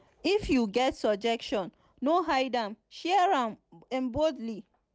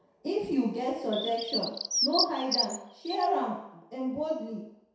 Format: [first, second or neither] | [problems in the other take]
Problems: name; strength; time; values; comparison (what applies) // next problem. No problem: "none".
first | background sound (Bird); 3 dB below the speech // room echo; dies away in 0.7 s